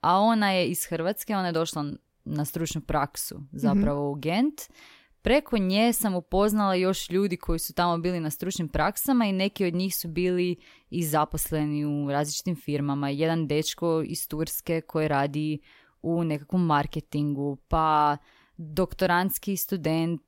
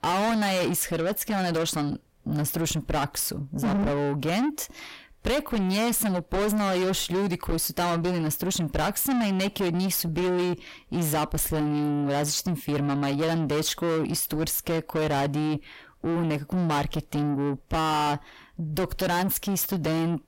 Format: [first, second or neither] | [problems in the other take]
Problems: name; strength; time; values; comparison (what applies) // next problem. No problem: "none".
first | distortion; heavy; 6 dB below the speech